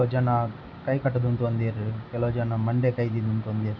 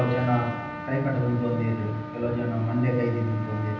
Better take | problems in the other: first | background sound (Trumpet); 11 dB below the speech // room echo; dies away in 0.9 s

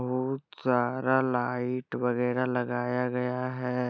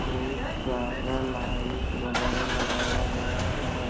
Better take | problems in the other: first | background sound (Engine starting / Car); 4 dB above the speech // room echo; dies away in 0.7 s

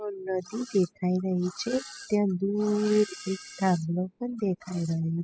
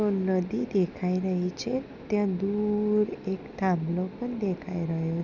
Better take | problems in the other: second | noise reduction (classical method spectral subtraction)

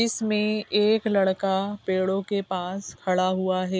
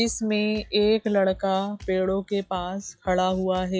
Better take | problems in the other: first | noise reduction (classical method log-MMSE)

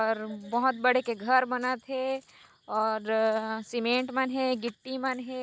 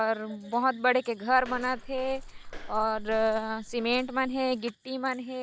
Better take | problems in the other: first | background sound (Walk, footsteps); 11 dB below the speech

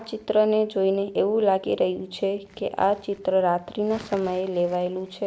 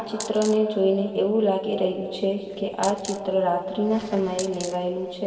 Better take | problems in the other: first | background sound (Coin (dropping)); 12 dB below the speech // room echo; dies away in 2.7 s

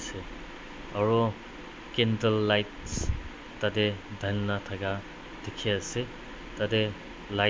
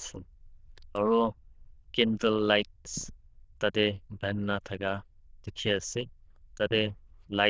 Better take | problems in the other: first | noise reduction (neural diffusion model UNIVERSE++)

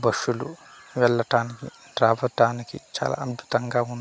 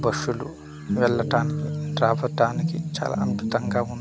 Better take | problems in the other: first | background sound (Guitar); 2 dB below the speech

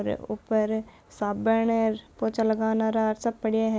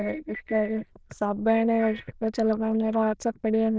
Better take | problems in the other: first | noise reduction (neural diffusion model UNIVERSE++)

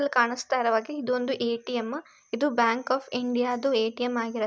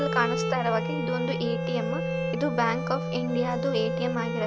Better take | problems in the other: first | background sound (Bowed string instrument + Wind instrument, woodwind instrument); as loud as the speech

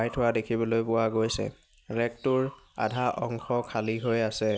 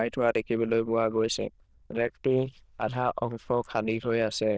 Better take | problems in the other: first | noise reduction (neural diffusion model UNIVERSE++)

